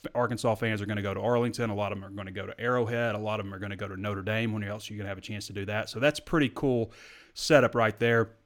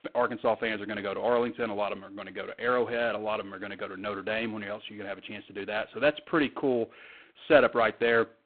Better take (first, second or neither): first